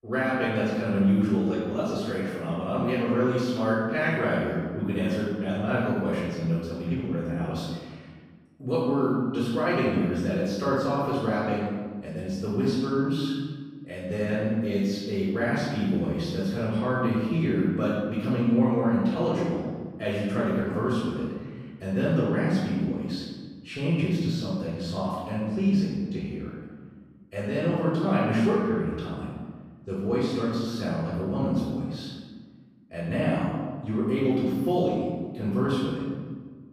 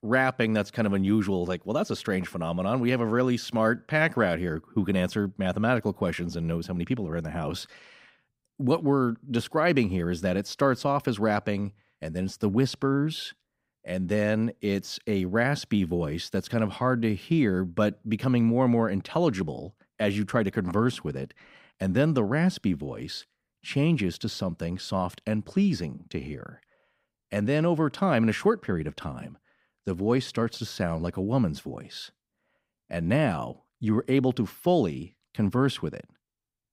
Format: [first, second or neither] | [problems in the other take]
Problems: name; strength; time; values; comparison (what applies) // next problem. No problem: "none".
second | off-mic speech; far // room echo; strong; dies away in 1.4 s